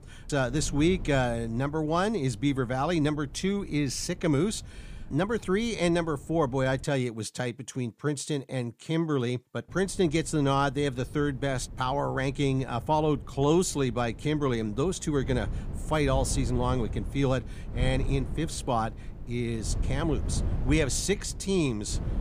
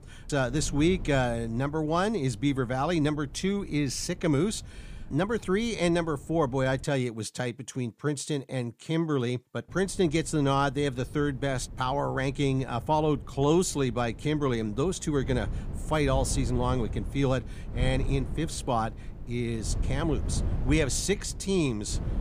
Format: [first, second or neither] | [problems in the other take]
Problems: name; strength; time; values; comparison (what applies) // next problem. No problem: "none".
neither | wind noise on the microphone; occasional gusts; until 7 s and from 9.5 s on; 20 dB below the speech; the same in both